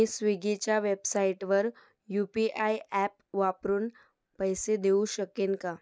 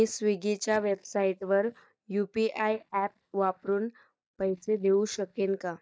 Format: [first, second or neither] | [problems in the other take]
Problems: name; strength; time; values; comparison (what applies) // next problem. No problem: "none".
first | noise reduction (neural mask model DeepFilterNet 3)